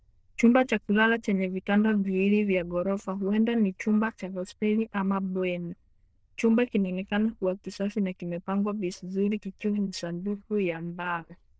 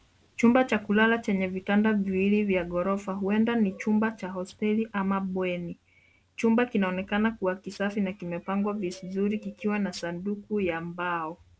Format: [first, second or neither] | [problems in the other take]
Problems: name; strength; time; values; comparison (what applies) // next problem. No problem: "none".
second | noise reduction (neural diffusion model UNIVERSE++)